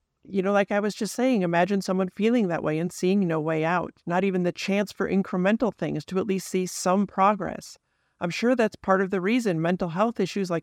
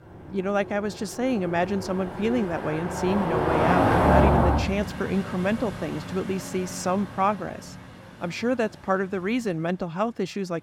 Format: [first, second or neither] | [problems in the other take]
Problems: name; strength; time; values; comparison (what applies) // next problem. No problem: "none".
first | traffic noise; very loud; throughout; 1 dB above the speech